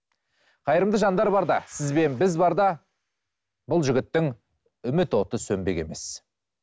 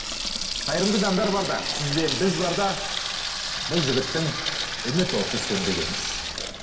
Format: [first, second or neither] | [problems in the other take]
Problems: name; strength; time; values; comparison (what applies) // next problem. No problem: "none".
first | background sound (Sink (filling or washing) / Water tap, faucet); 2 dB below the speech // room echo; dies away in 2.6 s